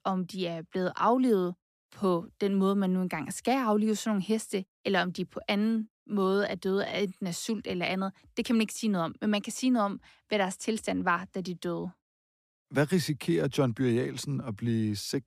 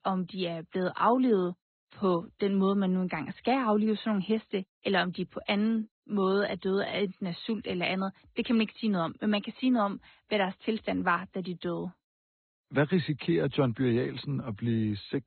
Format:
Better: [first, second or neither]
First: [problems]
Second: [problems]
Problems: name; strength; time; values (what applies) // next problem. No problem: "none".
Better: first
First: none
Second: garbled, watery; badly; nothing above 4 kHz